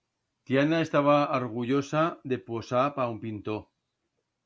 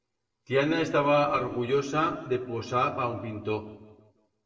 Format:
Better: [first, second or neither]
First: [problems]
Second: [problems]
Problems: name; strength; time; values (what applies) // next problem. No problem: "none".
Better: first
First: none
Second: noise reduction (neural separator model SepFormer DNS4)